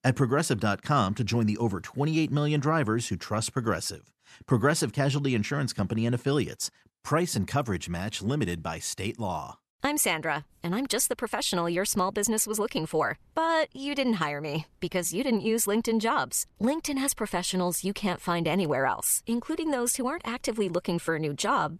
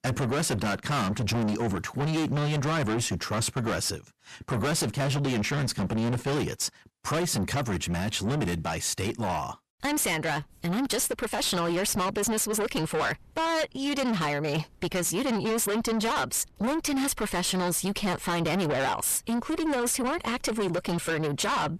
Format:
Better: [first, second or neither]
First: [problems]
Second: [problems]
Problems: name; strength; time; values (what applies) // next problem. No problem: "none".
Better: first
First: none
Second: distortion; heavy; 6 dB below the speech